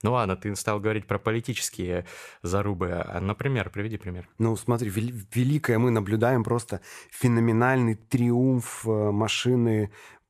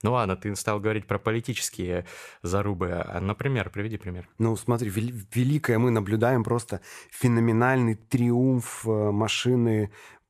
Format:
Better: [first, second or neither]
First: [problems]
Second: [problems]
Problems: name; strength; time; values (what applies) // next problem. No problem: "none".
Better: neither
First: none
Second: none